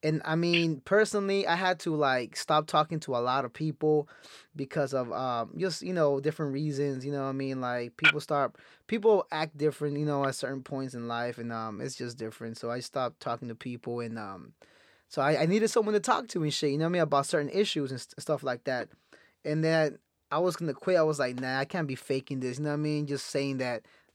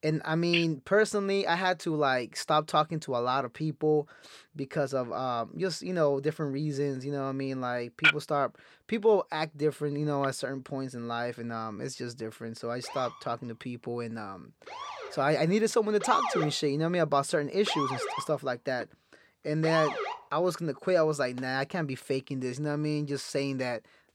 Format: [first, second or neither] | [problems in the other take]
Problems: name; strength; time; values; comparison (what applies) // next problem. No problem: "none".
first | siren; loud; from 13 to 20 s; peak level with the speech